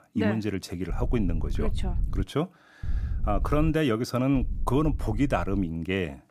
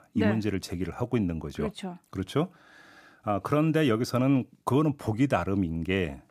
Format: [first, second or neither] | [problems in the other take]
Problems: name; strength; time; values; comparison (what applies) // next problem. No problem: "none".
second | wind noise on the microphone; occasional gusts; from 1 to 2 s, at 3 s and from 4.5 to 5.5 s; 20 dB below the speech